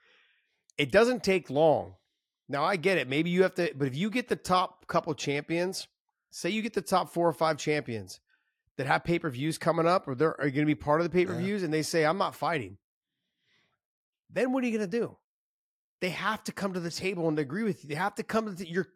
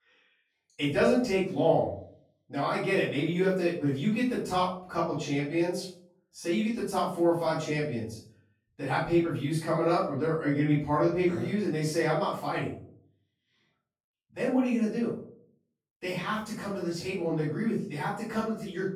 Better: first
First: none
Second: off-mic speech; far // room echo; noticeable; dies away in 0.4 s

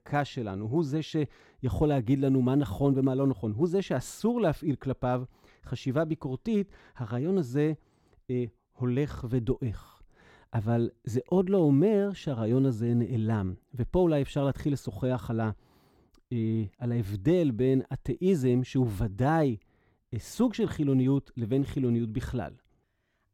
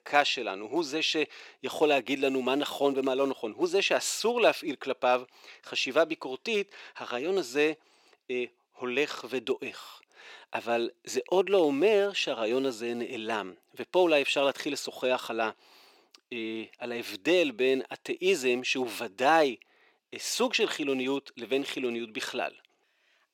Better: first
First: none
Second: thin; very; fading below 400 Hz

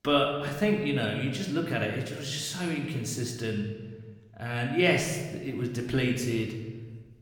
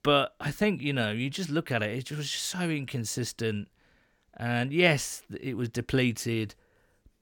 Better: second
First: room echo; noticeable; dies away in 1.2 s // off-mic speech; somewhat distant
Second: none

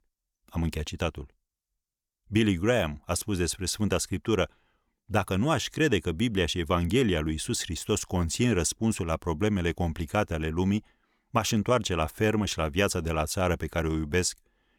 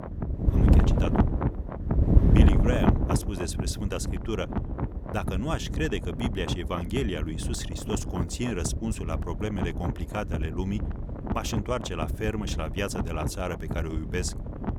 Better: first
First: none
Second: wind noise on the microphone; heavy; 2 dB below the speech

